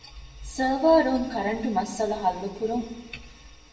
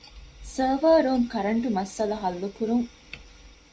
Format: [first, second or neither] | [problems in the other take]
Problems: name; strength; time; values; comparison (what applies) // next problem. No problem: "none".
second | room echo; dies away in 0.8 s